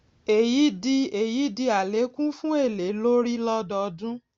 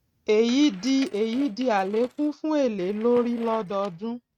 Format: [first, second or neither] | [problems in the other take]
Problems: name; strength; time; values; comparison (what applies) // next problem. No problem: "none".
first | noise reduction (neural mask model RNNoise)